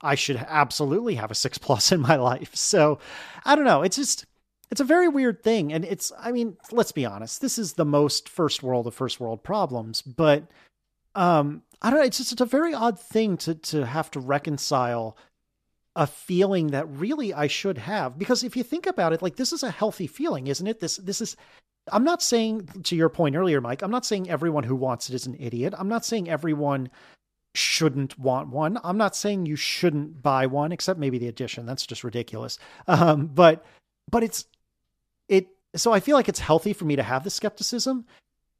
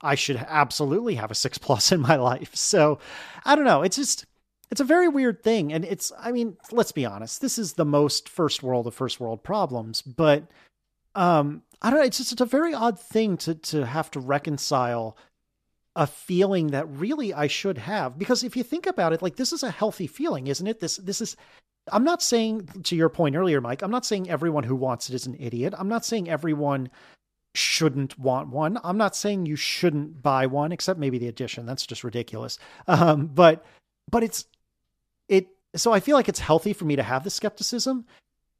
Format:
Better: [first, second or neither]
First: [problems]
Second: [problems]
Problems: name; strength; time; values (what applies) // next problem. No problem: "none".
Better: neither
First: none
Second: none